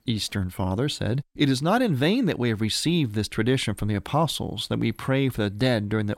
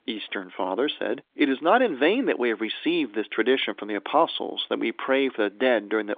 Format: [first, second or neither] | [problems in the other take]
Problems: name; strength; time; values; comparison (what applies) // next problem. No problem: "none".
first | phone-call audio